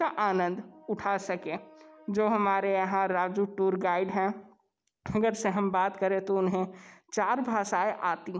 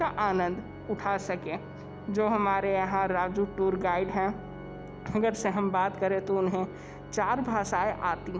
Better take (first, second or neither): first